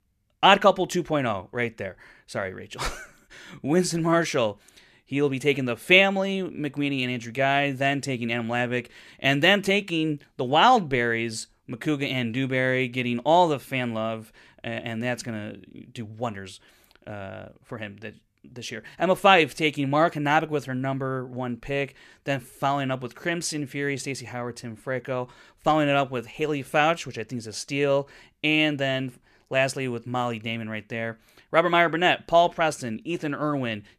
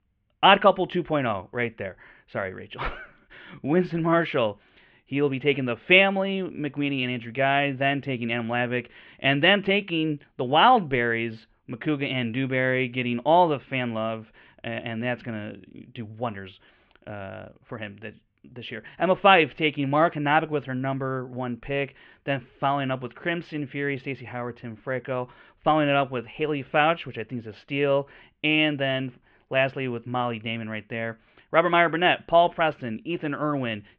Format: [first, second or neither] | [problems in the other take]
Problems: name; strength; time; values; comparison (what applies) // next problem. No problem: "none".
first | muffled; very; fading above 3 kHz